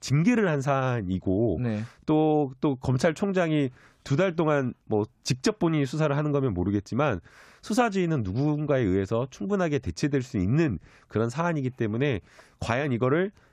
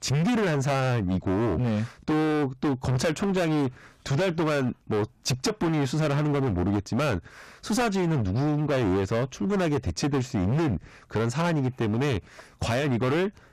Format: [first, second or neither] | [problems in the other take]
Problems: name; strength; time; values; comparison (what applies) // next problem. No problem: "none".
first | distortion; heavy; 26% of the sound clipped